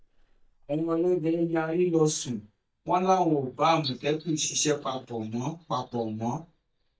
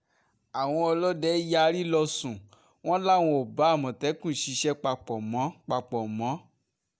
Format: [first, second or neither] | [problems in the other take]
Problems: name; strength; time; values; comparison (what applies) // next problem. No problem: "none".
second | noise reduction (neural mask model DeepFilterNet 3)